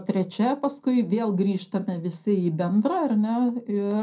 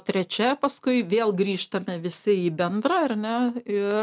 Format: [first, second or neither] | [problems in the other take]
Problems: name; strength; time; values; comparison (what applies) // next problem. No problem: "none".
second | room echo; dies away in 0.2 s